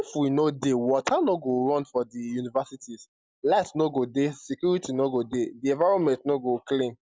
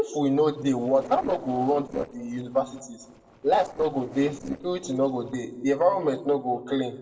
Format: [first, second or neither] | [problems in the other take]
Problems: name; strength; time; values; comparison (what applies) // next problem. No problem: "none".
first | noise reduction (neural separator model SepFormer DNS4)